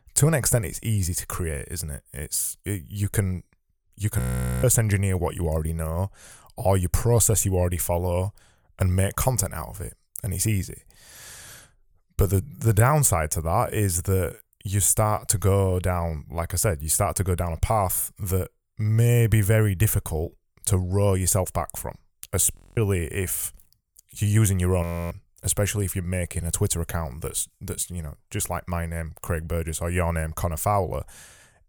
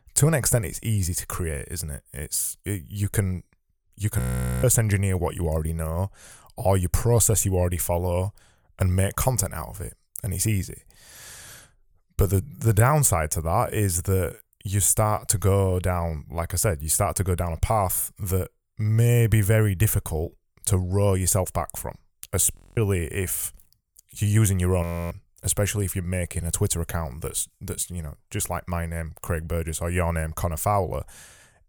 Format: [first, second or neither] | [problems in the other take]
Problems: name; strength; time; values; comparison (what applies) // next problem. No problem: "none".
neither | audio freezing; at 4 s, at 23 s and at 25 s; the same in both